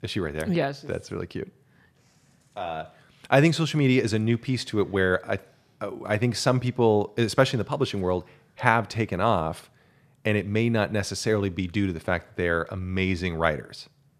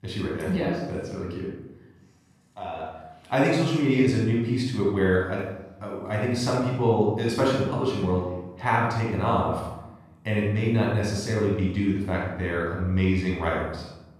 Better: first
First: none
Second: off-mic speech; far // room echo; strong; dies away in 0.9 s

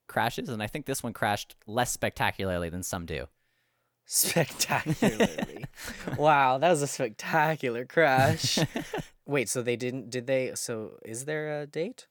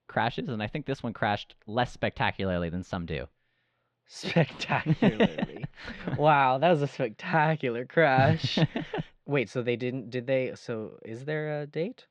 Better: first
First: none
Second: muffled; slightly; fading above 3.5 kHz

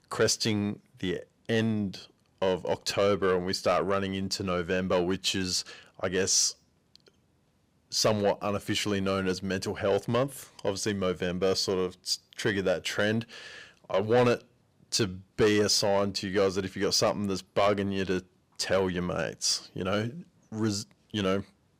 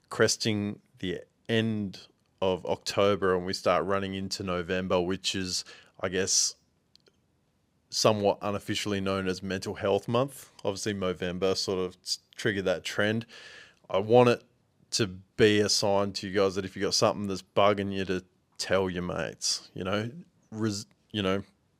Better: second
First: distortion; slight; 10 dB below the speech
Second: none

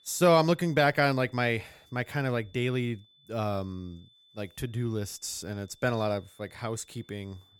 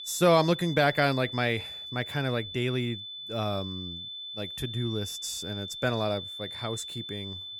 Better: first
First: high-pitched whine; faint; throughout; 3.5 kHz, 30 dB below the speech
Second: high-pitched whine; loud; throughout; 3.5 kHz, 8 dB below the speech

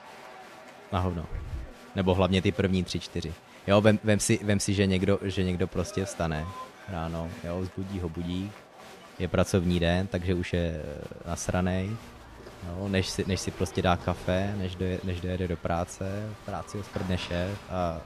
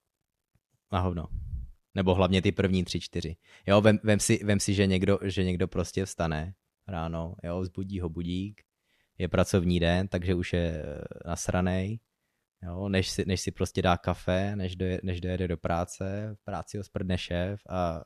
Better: second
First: crowd noise; noticeable; throughout; 15 dB below the speech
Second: none

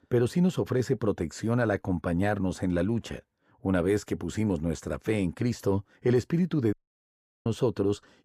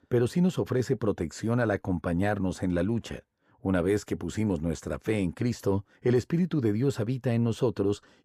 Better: second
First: audio cutting out; at 6.5 s for 0.5 s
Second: none

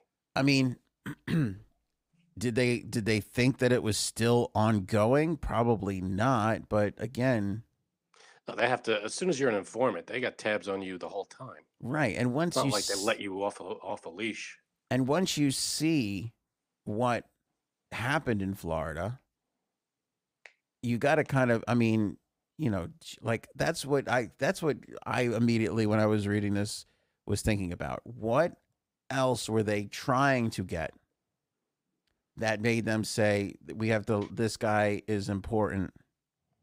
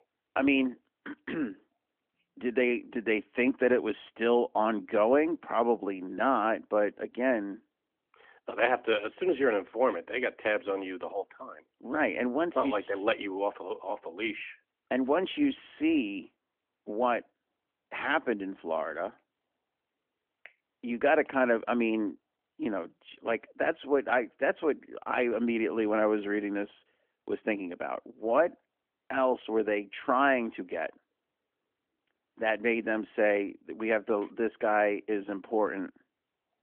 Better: first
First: none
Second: phone-call audio; nothing above 3.5 kHz

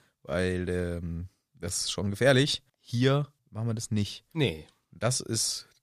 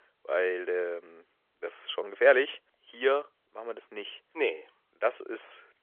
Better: first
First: none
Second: phone-call audio; nothing above 3.5 kHz

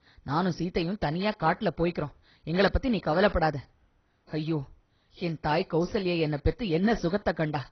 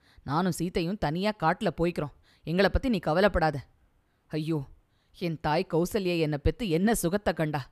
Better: second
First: garbled, watery; badly; nothing above 6 kHz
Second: none

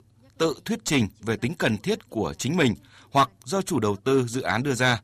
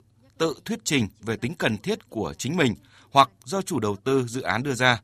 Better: second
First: distortion; slight; 10 dB below the speech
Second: none

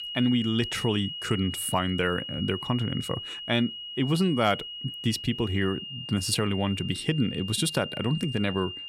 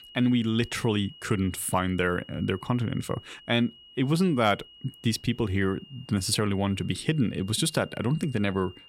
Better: second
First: high-pitched whine; loud; throughout; 3 kHz, 7 dB below the speech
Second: high-pitched whine; faint; throughout; 3 kHz, 20 dB below the speech

